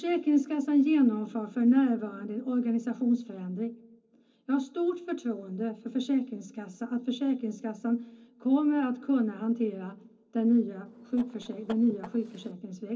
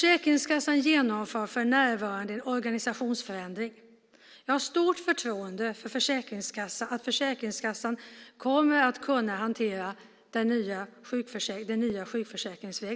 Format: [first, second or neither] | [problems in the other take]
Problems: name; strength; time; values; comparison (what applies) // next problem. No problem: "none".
second | noise reduction (neural separator model SepFormer DNS4)